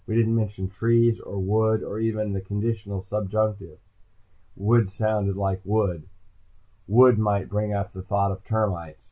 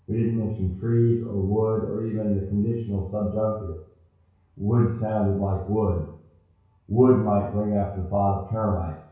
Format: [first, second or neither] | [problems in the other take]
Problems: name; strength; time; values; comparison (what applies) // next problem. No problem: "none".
first | room echo; dies away in 0.6 s